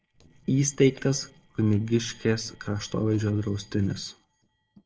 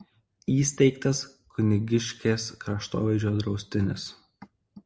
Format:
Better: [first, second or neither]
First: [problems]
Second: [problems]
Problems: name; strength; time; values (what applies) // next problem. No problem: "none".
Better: second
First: noise reduction (neural separator model SepFormer DNS4)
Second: none